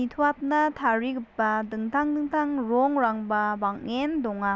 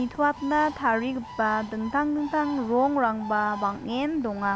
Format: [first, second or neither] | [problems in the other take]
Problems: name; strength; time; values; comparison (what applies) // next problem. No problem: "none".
first | background sound (Bird); 15 dB below the speech